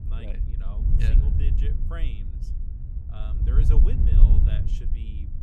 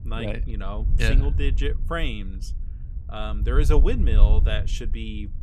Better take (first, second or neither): second